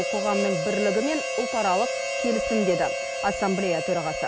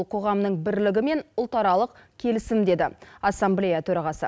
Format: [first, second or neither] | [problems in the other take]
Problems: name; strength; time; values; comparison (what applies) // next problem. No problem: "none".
second | background sound (Harmonica); 2 dB below the speech